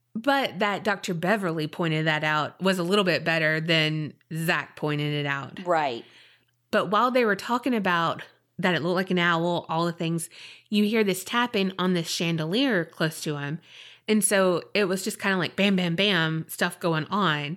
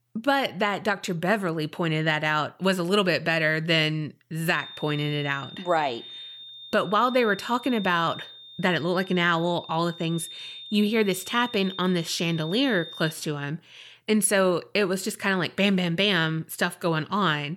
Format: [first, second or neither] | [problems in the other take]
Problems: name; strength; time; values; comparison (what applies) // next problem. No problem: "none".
first | high-pitched whine; noticeable; from 4.5 to 13 s; 3.5 kHz, 15 dB below the speech